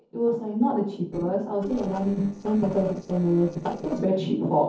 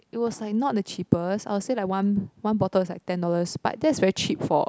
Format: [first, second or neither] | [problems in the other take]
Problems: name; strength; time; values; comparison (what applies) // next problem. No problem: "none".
second | noise reduction (neural separator model SepFormer DNS4)